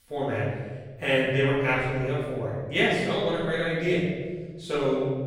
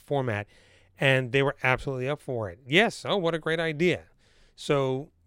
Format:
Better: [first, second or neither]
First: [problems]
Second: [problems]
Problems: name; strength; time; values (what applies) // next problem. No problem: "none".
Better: second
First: off-mic speech; far // room echo; strong; dies away in 1.4 s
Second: none